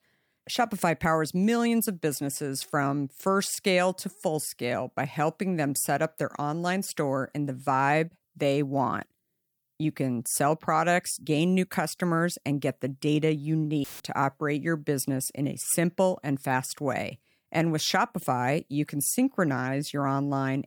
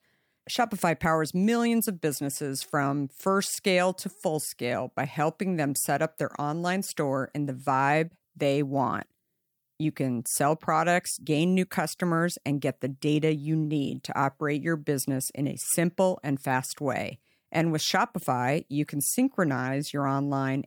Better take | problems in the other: second | audio cutting out; filled with static; at 14 s

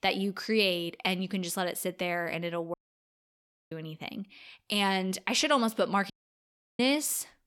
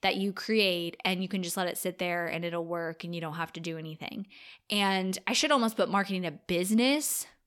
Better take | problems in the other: second | audio cutting out; at 2.5 s for 1 s and at 6 s for 0.5 s

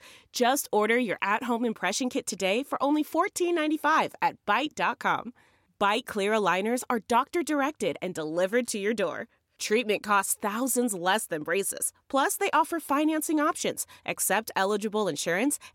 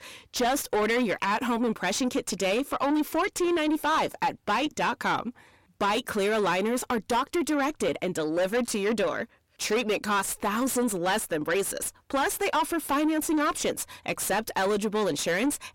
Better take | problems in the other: first | distortion; heavy; 7 dB below the speech

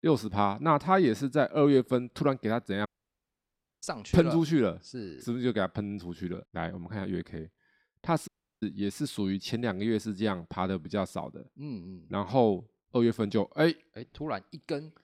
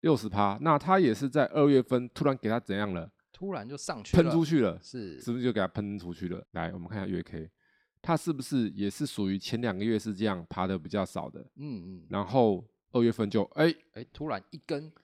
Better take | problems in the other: second | audio cutting out; at 3 s for 1 s and at 8.5 s

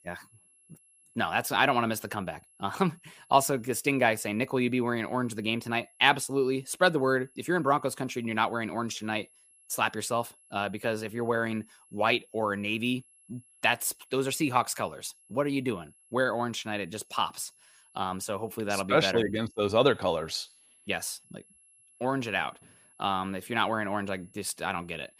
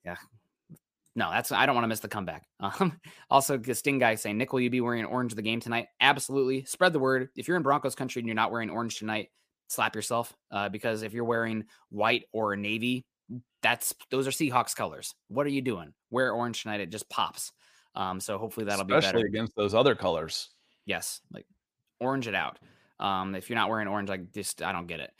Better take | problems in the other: second | high-pitched whine; faint; throughout; 11 kHz, 30 dB below the speech

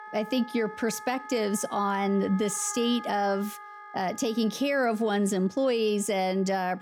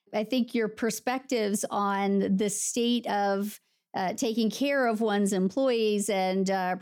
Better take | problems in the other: second | background music; noticeable; throughout; 15 dB below the speech

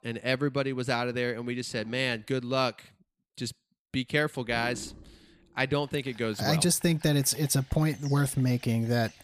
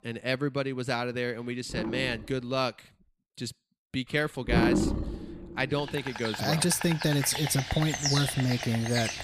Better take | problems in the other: first | animal sounds; loud; throughout; 3 dB below the speech; faint in the first

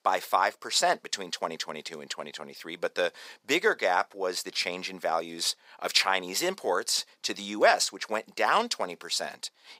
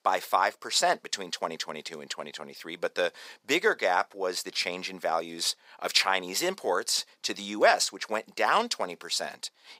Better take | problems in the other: neither | thin; somewhat; fading below 450 Hz; the same in both

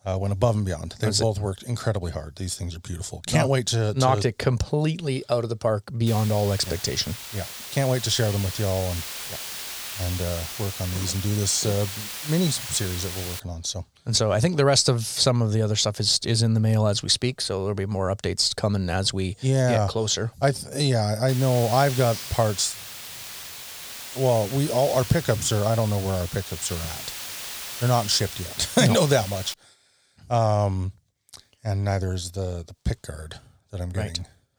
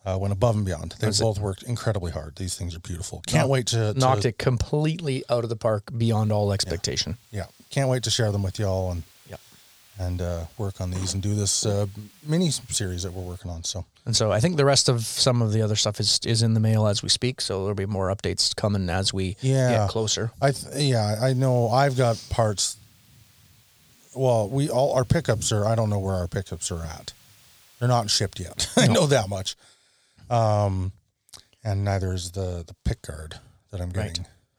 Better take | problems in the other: second | hiss; loud; from 6 to 13 s and from 21 to 30 s; 9 dB below the speech; faint in the second

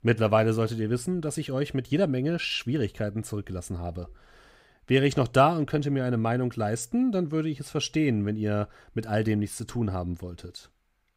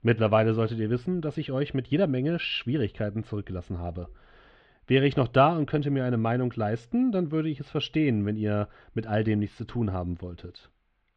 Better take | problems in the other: first | muffled; slightly; fading above 3.5 kHz

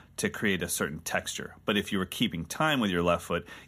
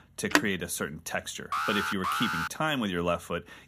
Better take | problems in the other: first | phone ringing; loud; at 0.5 s; peak 4 dB above the speech // alarm; loud; at 1.5 s; peak 2 dB above the speech

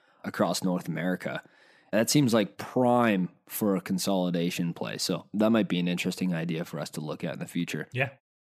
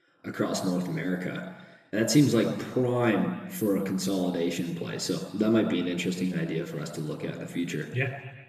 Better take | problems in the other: first | room echo; noticeable; dies away in 1.1 s // off-mic speech; somewhat distant

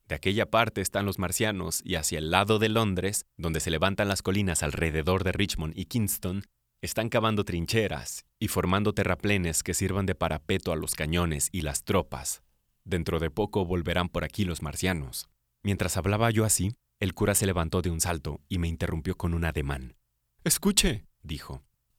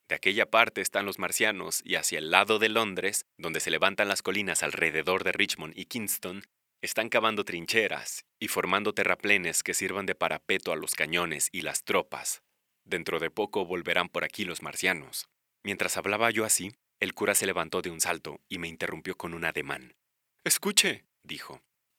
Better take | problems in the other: first | thin; somewhat; fading below 300 Hz

